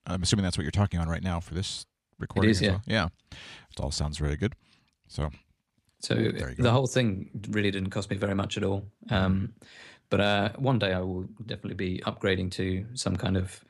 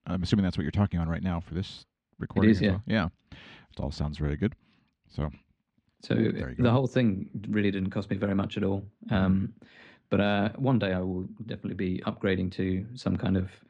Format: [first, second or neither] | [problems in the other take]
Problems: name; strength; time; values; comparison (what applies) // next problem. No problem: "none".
first | muffled; slightly; fading above 3 kHz